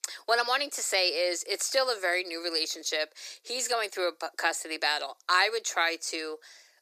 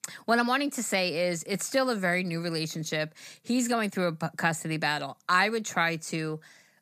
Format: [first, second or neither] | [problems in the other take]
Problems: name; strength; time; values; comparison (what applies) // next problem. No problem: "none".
second | thin; very; fading below 350 Hz